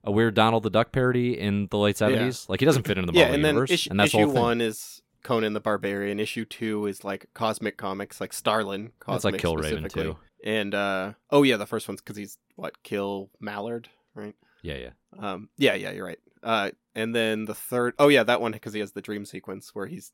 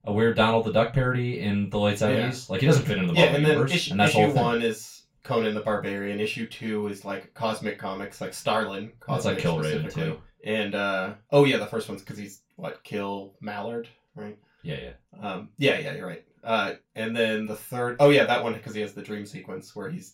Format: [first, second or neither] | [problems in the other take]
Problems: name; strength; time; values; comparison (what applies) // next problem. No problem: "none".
first | room echo; slight; dies away in 0.2 s // off-mic speech; far